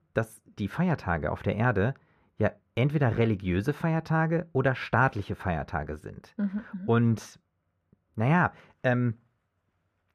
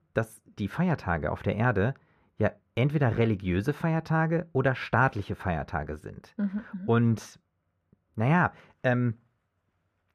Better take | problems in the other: neither | muffled; very; fading above 3 kHz; the same in both

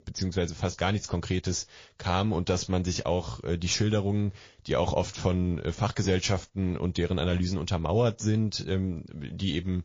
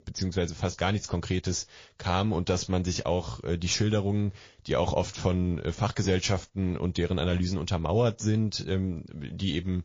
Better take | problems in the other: neither | garbled, watery; slightly; nothing above 6 kHz; the same in both

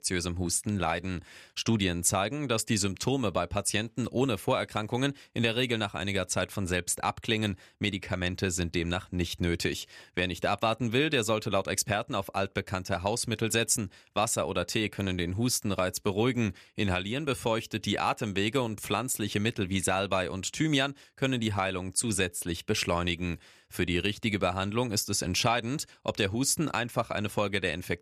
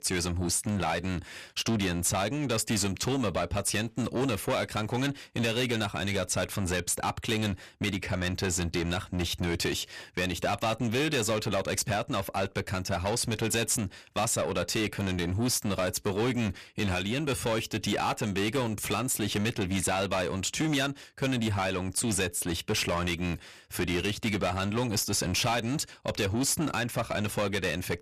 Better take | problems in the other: first | distortion; heavy; 7 dB below the speech

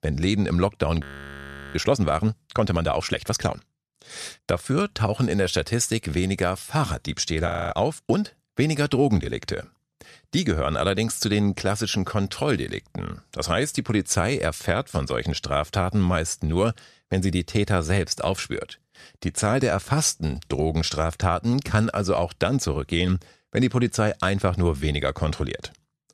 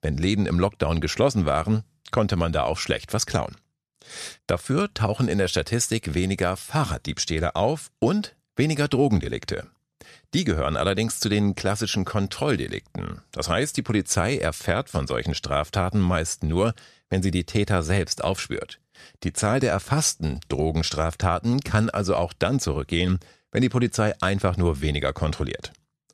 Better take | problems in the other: second | audio freezing; at 1 s for 0.5 s and at 7.5 s

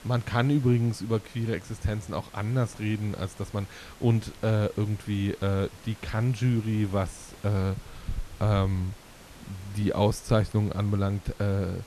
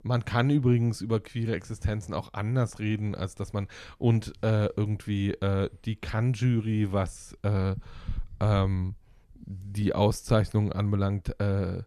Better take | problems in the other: second | hiss; faint; throughout; 20 dB below the speech

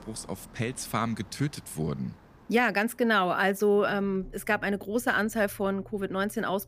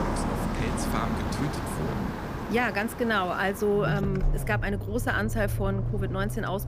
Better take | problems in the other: first | traffic noise; loud; throughout; 2 dB below the speech; faint in the first

